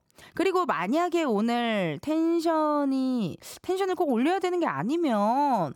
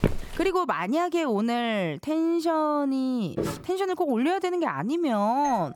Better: first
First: none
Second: footsteps; noticeable; at the start and at 3.5 s; peak 3 dB below the speech // doorbell; very faint; at 5.5 s; peak 15 dB below the speech

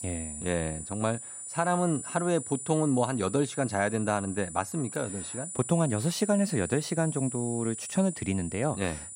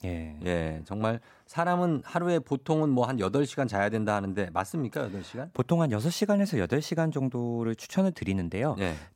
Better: second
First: high-pitched whine; loud; throughout; 9.5 kHz, 8 dB below the speech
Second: none

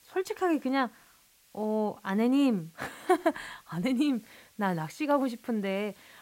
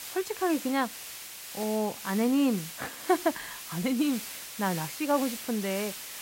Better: first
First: hiss; faint; throughout; 30 dB below the speech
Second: hiss; loud; throughout; 9 dB below the speech

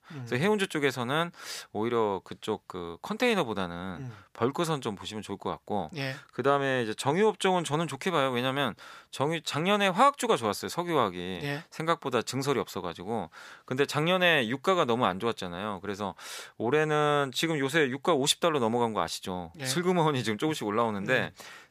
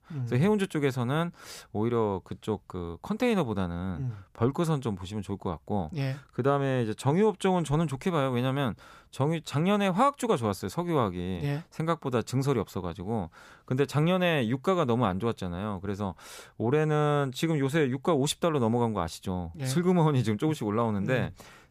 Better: second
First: thin; very slightly; fading below 400 Hz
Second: none

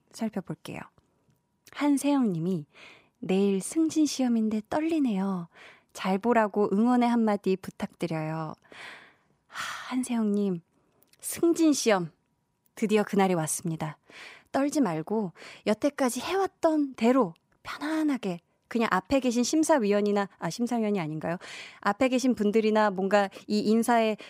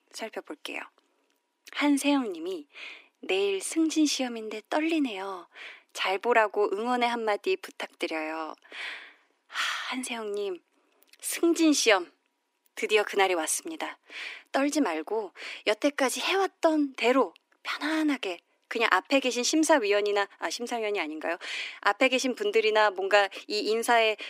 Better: first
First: none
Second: thin; very slightly; fading below 300 Hz

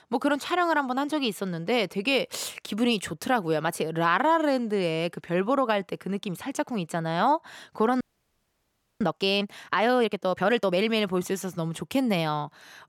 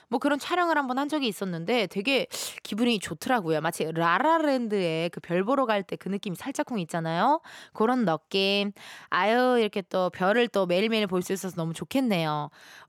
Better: second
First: audio freezing; at 8 s for 1 s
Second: none

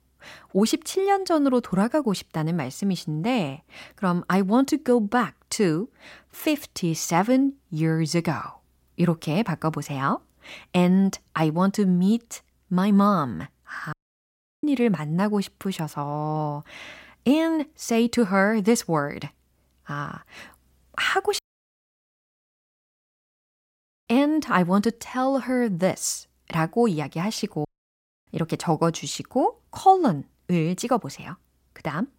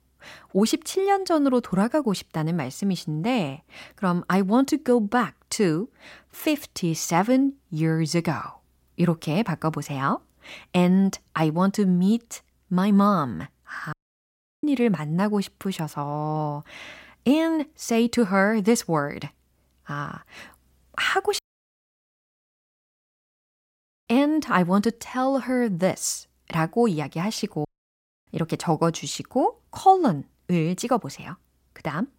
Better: neither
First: audio cutting out; at 14 s for 0.5 s, at 21 s for 2.5 s and at 28 s for 0.5 s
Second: audio cutting out; at 14 s for 0.5 s, at 21 s for 2.5 s and at 28 s for 0.5 s

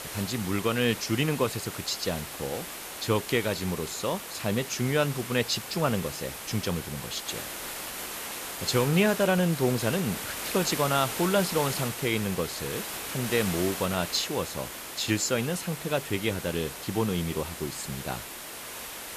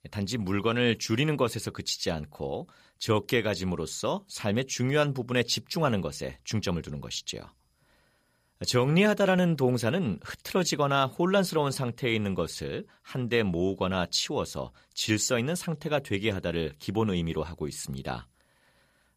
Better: second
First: hiss; loud; throughout; 7 dB below the speech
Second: none

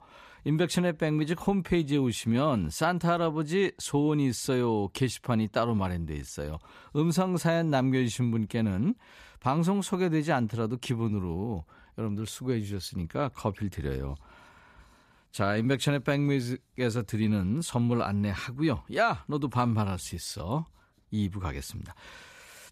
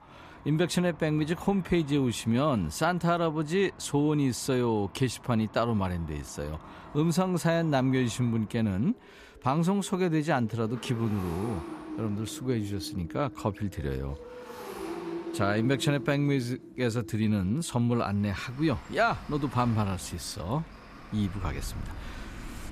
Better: first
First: none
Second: traffic noise; noticeable; throughout; 15 dB below the speech

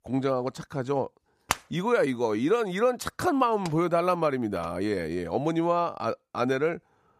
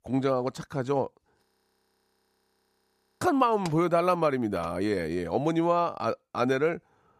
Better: first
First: none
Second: audio freezing; at 1.5 s for 2 s

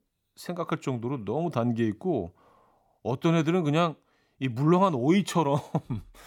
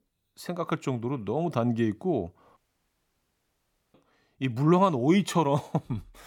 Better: first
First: none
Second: audio cutting out; at 2.5 s for 1.5 s

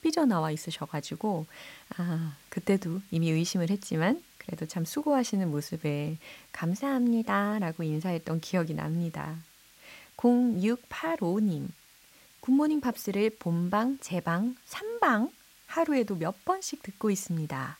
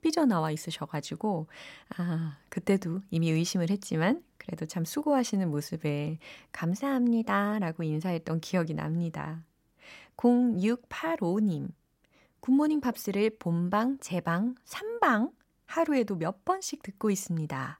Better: second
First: hiss; faint; throughout; 25 dB below the speech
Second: none

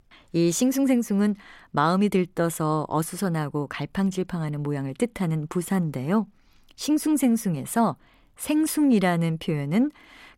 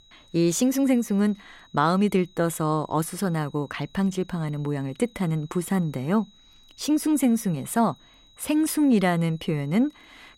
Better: first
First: none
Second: high-pitched whine; faint; throughout; 4 kHz, 30 dB below the speech

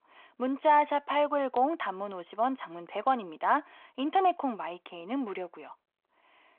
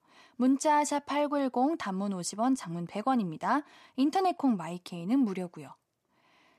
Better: second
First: phone-call audio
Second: none

